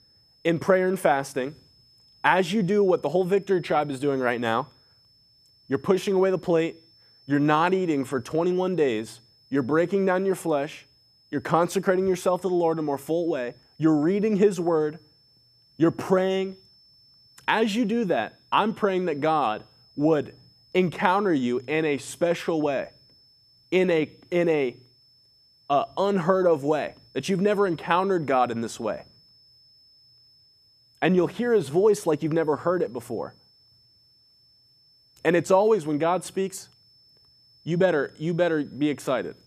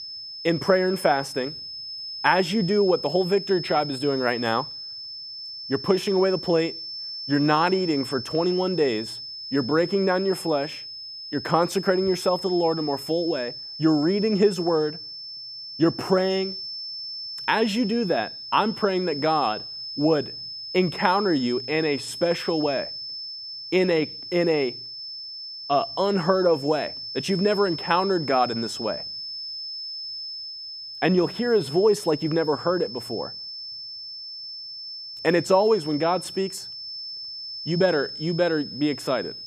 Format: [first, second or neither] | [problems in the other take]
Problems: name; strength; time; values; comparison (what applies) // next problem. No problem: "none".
first | high-pitched whine; loud; throughout; 5 kHz, 9 dB below the speech; faint in the first